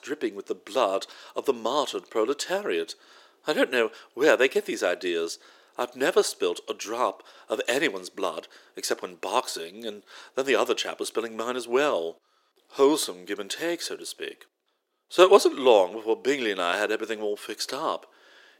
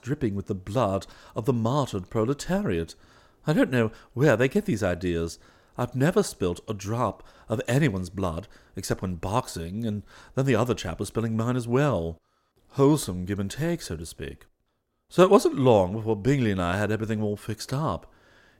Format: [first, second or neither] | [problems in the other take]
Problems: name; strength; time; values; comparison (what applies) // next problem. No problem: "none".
second | thin; somewhat; fading below 350 Hz